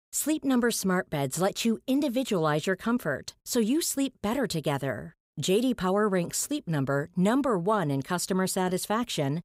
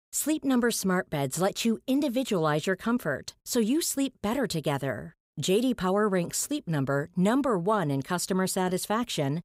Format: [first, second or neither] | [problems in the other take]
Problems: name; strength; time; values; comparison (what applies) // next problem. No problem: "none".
neither | none